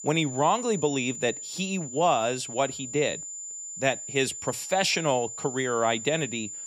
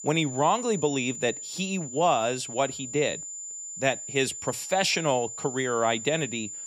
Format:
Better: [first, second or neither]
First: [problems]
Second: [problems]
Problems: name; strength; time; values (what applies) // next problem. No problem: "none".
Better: neither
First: high-pitched whine; loud; throughout; 7 kHz, 8 dB below the speech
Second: high-pitched whine; loud; throughout; 7 kHz, 8 dB below the speech